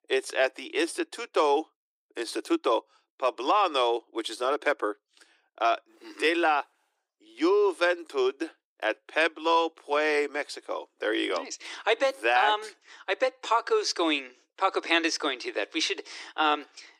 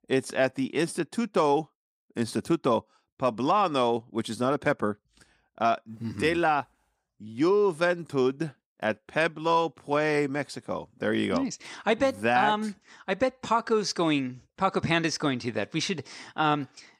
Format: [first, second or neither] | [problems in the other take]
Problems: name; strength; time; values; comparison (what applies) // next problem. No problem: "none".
second | thin; very; fading below 300 Hz